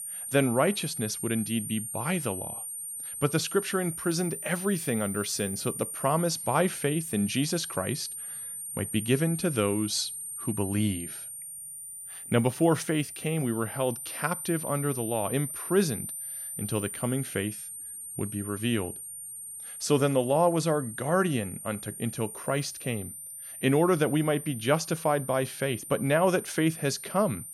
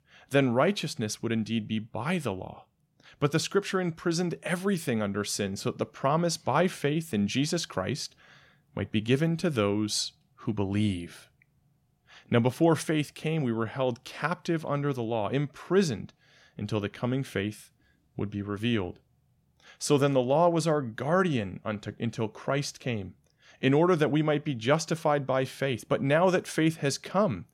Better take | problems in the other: second | high-pitched whine; loud; throughout; 9 kHz, 7 dB below the speech

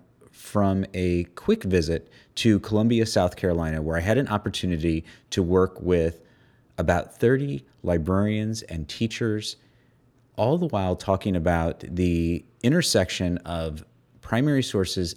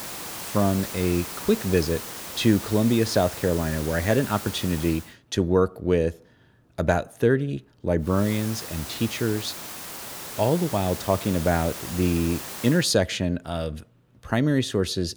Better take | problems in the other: first | hiss; loud; until 5 s and from 8 to 13 s; 10 dB below the speech

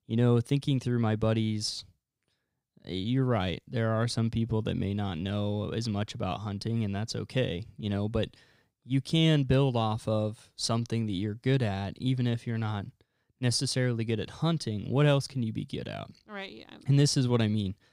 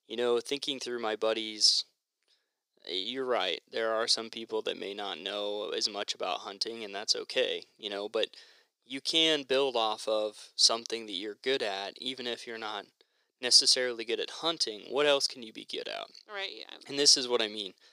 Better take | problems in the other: first | thin; very; fading below 400 Hz

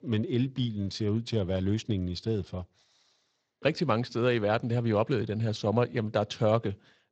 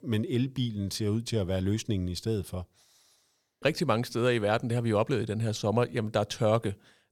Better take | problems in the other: second | garbled, watery; slightly

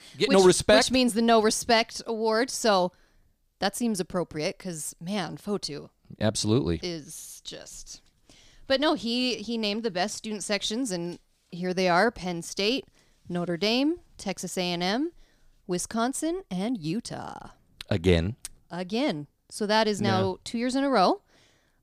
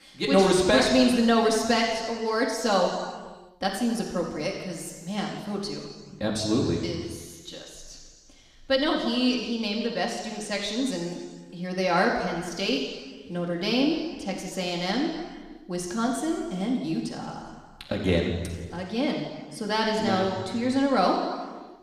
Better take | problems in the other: first | room echo; noticeable; dies away in 1.5 s // off-mic speech; somewhat distant

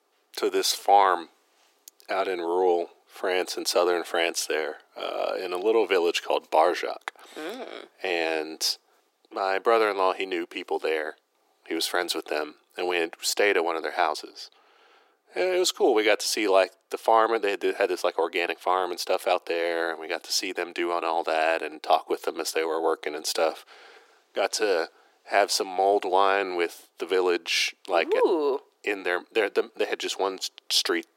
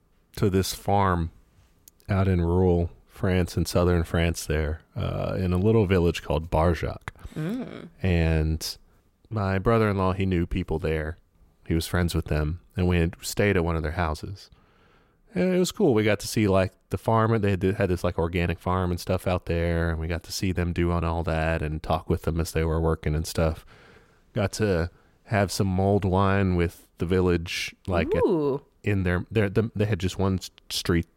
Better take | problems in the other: second | thin; very; fading below 350 Hz

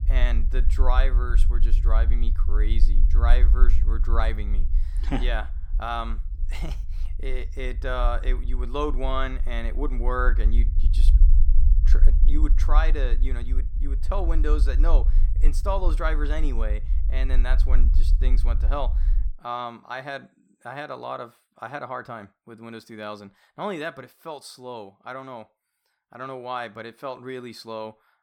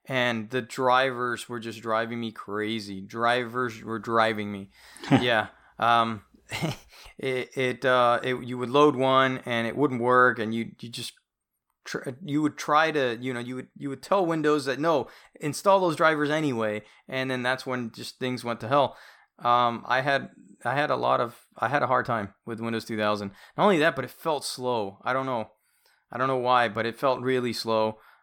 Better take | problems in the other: second | low rumble; noticeable; until 19 s; 15 dB below the speech

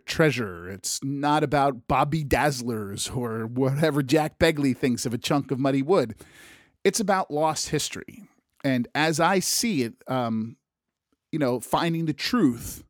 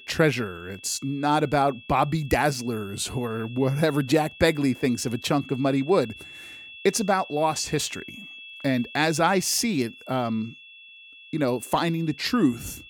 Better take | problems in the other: first | high-pitched whine; noticeable; throughout; 2.5 kHz, 20 dB below the speech

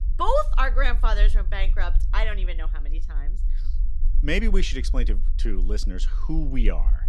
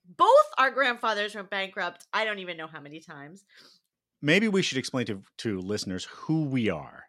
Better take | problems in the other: second | low rumble; faint; throughout; 25 dB below the speech

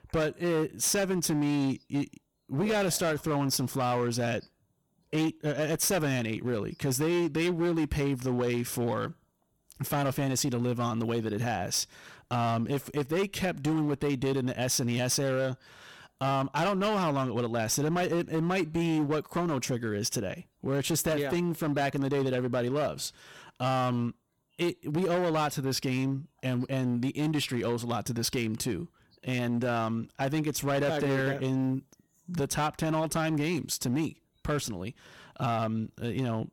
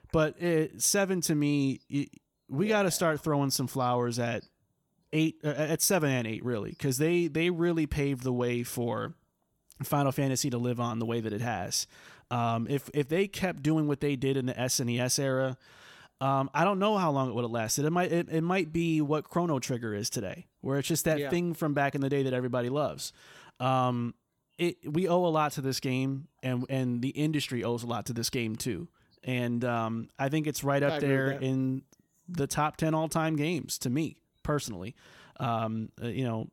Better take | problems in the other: second | distortion; slight; 12% of the sound clipped

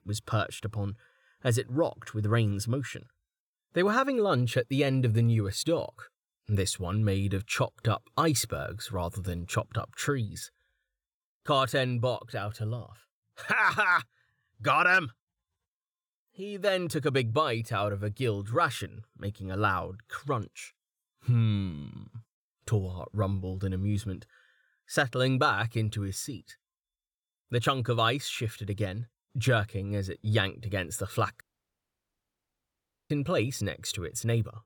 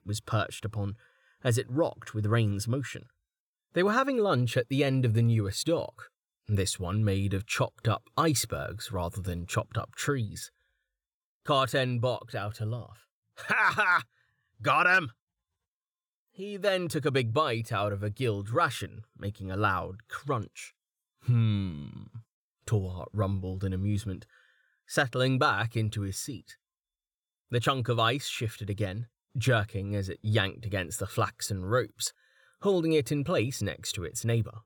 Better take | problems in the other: second | audio cutting out; at 31 s for 1.5 s

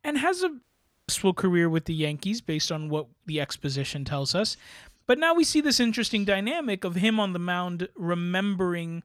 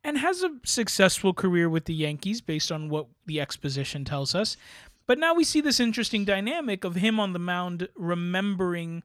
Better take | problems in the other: second | audio cutting out; at 0.5 s

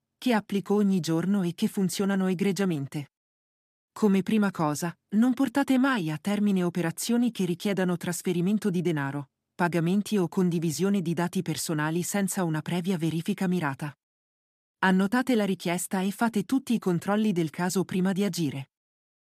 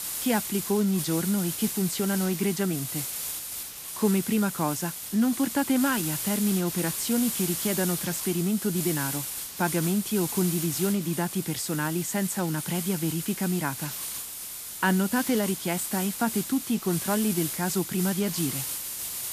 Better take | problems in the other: first | hiss; loud; throughout; 4 dB below the speech

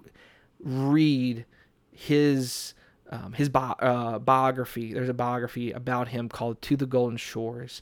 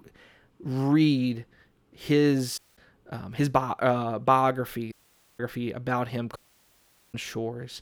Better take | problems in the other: first | audio cutting out; at 2.5 s, at 5 s and at 6.5 s for 1 s

